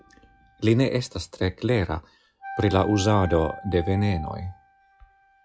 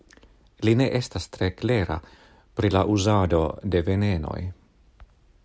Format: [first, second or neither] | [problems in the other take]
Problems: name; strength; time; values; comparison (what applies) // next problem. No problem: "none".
second | noise reduction (classical method log-MMSE)